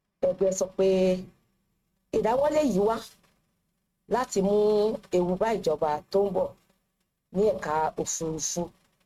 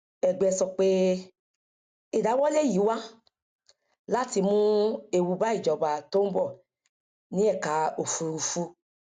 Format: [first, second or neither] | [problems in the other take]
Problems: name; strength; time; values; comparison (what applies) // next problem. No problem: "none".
second | noise reduction (neural mask model RNNoise)